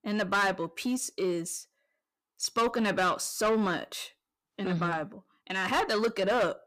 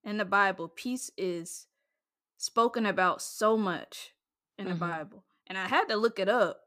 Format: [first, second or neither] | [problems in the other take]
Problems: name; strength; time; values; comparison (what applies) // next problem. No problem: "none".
second | distortion; heavy; 8 dB below the speech